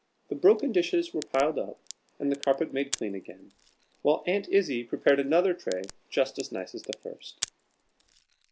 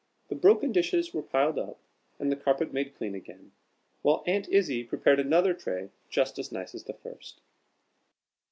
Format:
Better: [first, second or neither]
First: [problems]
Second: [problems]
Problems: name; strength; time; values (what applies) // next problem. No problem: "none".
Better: second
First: background sound (Crack); 17 dB below the speech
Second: none